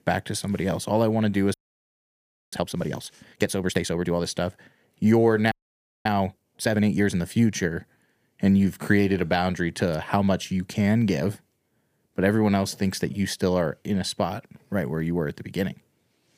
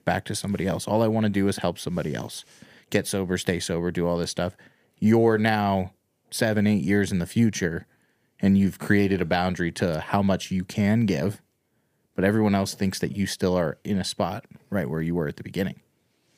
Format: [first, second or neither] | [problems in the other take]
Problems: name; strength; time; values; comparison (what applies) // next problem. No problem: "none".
second | audio freezing; at 1.5 s for 1 s and at 5.5 s for 0.5 s